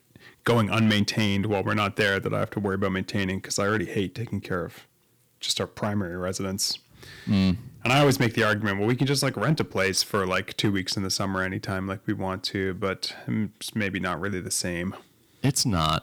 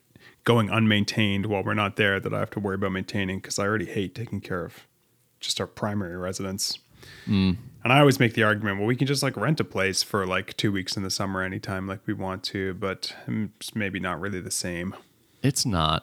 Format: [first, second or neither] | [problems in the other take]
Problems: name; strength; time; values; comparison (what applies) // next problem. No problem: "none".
second | distortion; slight; 2% of the sound clipped